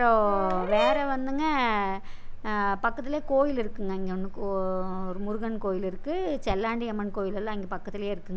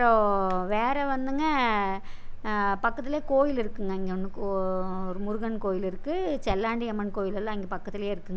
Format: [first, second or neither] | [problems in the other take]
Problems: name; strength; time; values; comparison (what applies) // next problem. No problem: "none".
second | background sound (Brass instrument); 4 dB below the speech